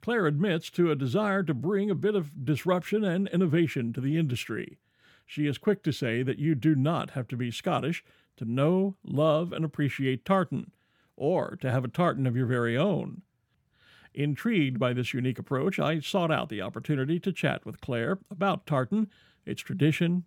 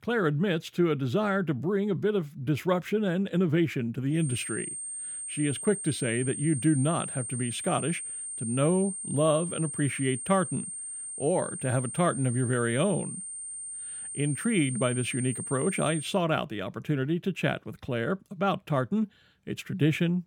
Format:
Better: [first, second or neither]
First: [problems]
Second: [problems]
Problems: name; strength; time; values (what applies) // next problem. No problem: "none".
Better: first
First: none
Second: high-pitched whine; loud; from 4 to 16 s; 8.5 kHz, 6 dB below the speech